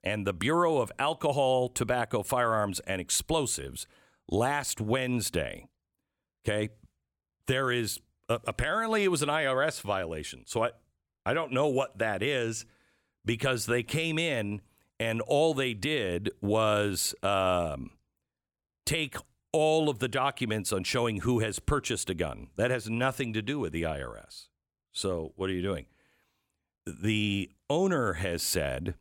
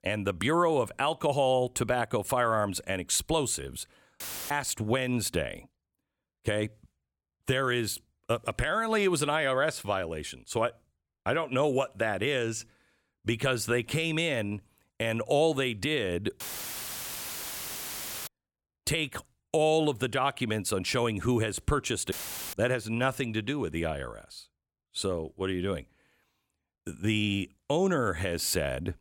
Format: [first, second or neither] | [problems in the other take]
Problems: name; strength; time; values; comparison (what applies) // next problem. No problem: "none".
first | audio cutting out; filled with static; at 4 s, at 16 s for 2 s and at 22 s